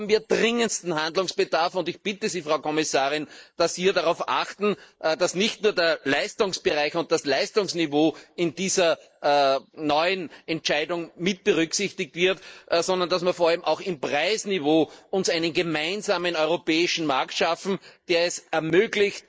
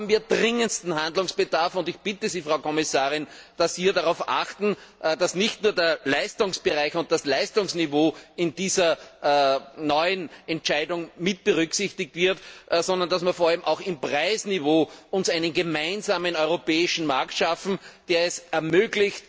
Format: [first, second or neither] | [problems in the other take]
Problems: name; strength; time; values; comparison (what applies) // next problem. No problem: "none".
second | noise reduction (neural mask model Resemble Enhance denoiser)